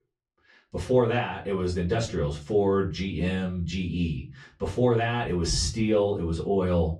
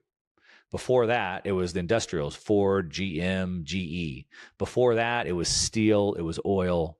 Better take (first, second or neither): second